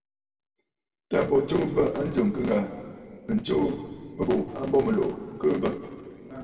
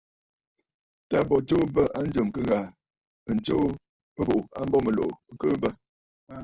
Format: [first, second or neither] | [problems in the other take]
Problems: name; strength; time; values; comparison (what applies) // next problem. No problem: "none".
second | room echo; dies away in 1.9 s